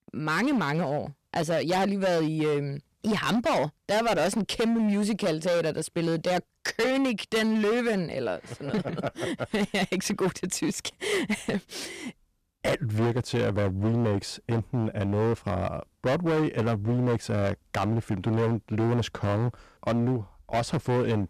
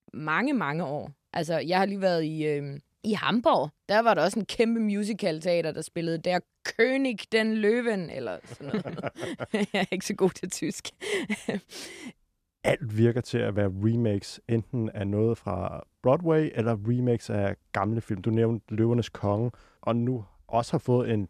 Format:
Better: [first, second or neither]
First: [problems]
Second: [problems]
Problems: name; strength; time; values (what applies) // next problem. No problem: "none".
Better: second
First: distortion; heavy; 17% of the sound clipped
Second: none